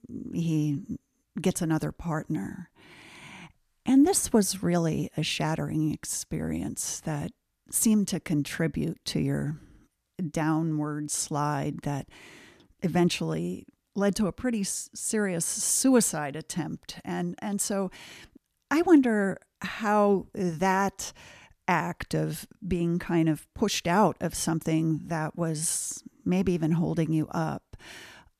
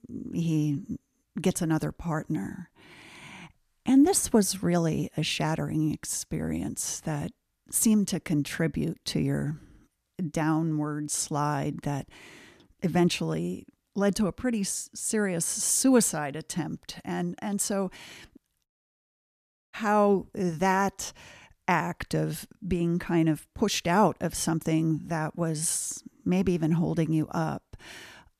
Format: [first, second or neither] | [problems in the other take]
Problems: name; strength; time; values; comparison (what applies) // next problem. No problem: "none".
first | audio cutting out; at 19 s for 1 s